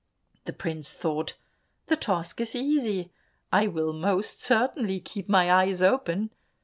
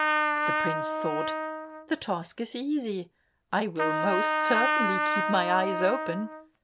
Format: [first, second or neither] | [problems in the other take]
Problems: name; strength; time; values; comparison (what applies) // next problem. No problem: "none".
first | background sound (Trumpet); 2 dB above the speech